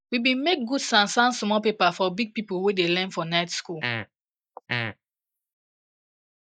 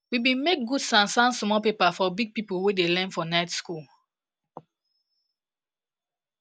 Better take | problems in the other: second | noise reduction (neural mask model Resemble Enhance denoiser)

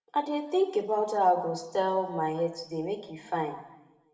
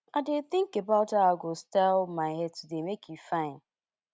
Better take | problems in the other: second | room echo; dies away in 0.9 s

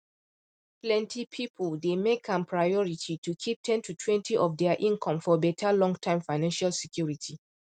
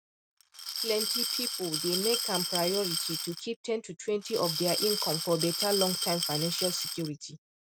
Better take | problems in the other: first | background sound (Glass); 1 dB below the speech

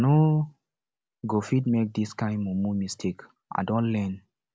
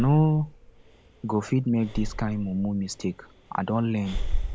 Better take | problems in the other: first | background sound (Breathing); 7 dB below the speech

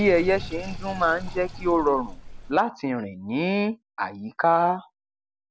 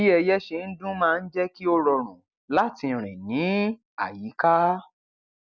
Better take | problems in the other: second | background sound (Sink (filling or washing)); 14 dB below the speech

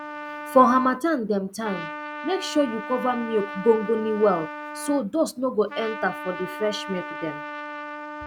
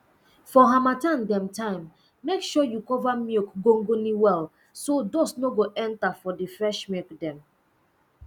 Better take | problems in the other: second | background sound (Trumpet); 11 dB below the speech

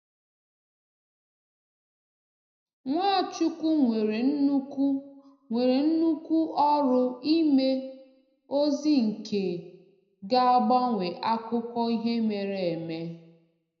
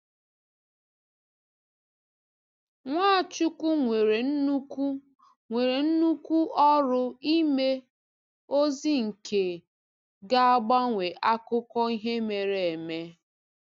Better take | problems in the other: second | room echo; dies away in 0.7 s

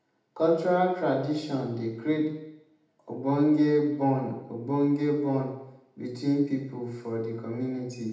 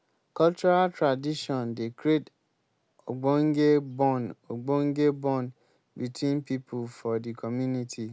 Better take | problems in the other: second | room echo; dies away in 0.8 s

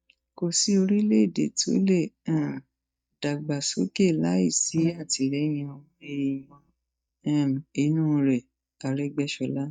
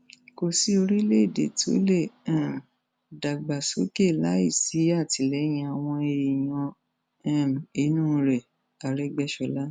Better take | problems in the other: second | noise reduction (neural mask model DeepFilterNet 3)

